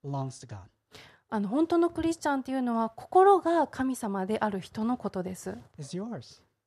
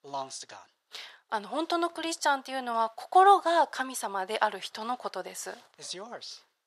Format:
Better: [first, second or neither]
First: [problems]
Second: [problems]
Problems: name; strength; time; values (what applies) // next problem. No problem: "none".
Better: first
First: none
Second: thin; very; fading below 700 Hz